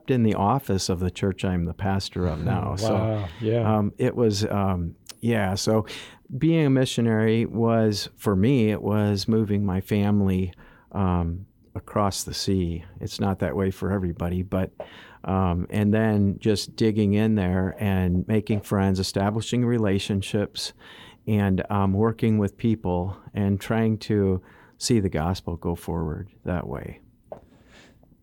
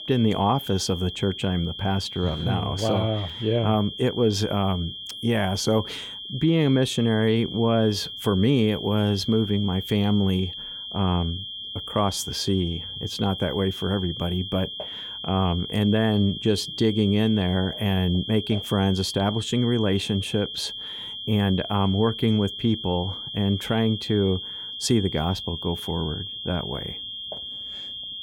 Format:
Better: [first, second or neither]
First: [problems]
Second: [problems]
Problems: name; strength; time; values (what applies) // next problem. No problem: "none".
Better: first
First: none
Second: high-pitched whine; loud; throughout; 3 kHz, 8 dB below the speech